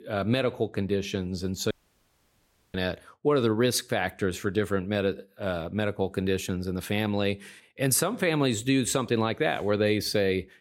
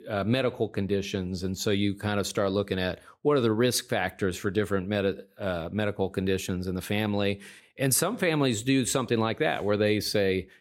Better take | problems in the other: second | audio cutting out; at 1.5 s for 1 s

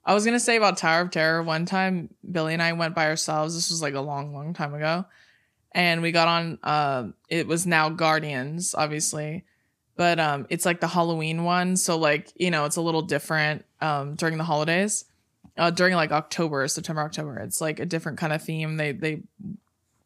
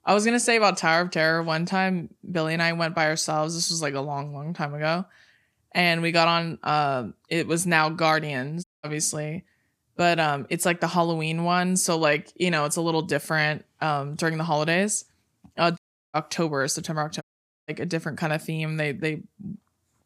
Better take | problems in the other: first | audio cutting out; at 8.5 s, at 16 s and at 17 s

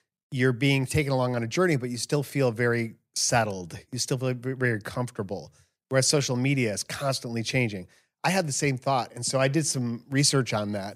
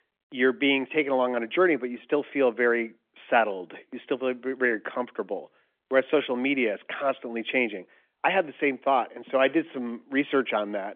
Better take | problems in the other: first | phone-call audio; nothing above 3.5 kHz

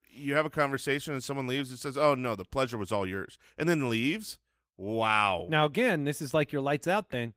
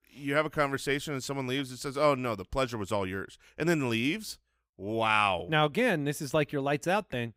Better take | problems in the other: second | garbled, watery; slightly; nothing above 15.5 kHz

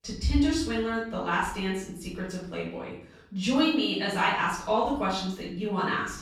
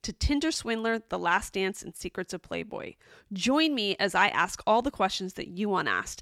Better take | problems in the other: second | off-mic speech; far // room echo; noticeable; dies away in 0.8 s

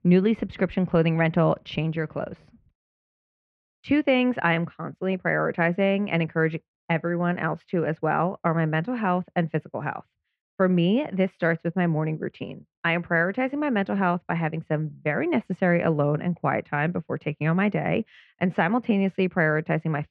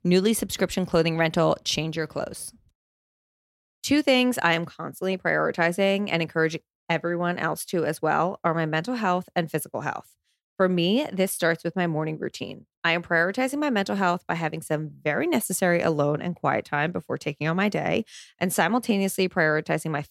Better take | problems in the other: second | muffled; very; fading above 2.5 kHz

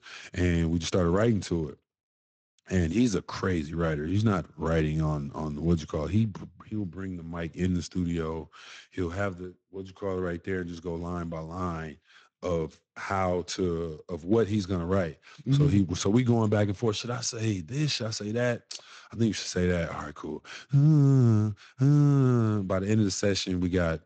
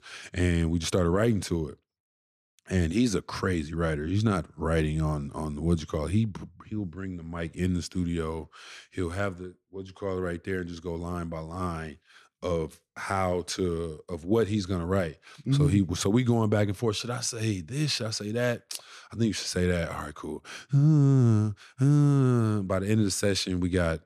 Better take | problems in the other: second | garbled, watery; slightly; nothing above 7.5 kHz

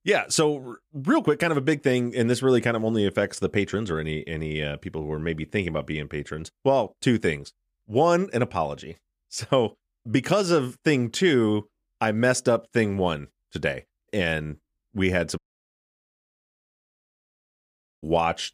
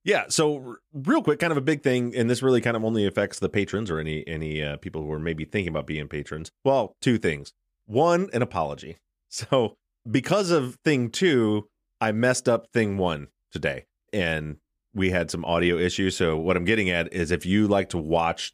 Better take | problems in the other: second | audio cutting out; at 15 s for 2.5 s

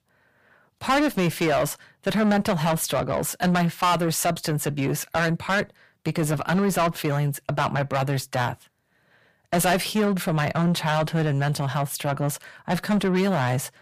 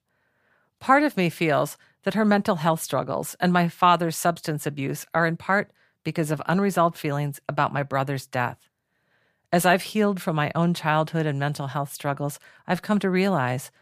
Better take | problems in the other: second | distortion; heavy; 6 dB below the speech

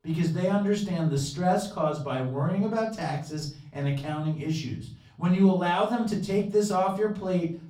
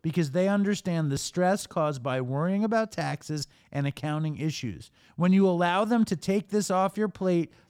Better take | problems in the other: second | off-mic speech; far // room echo; slight; dies away in 0.4 s

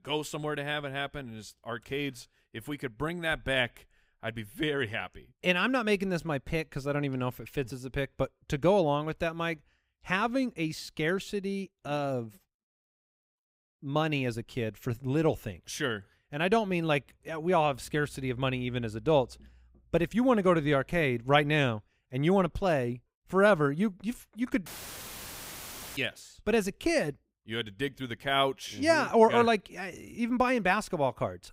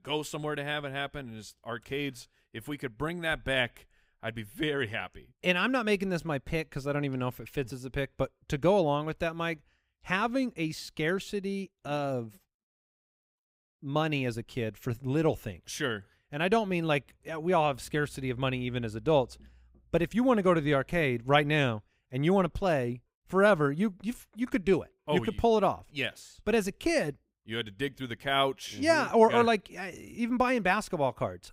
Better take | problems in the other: second | audio cutting out; filled with static; at 25 s for 1.5 s

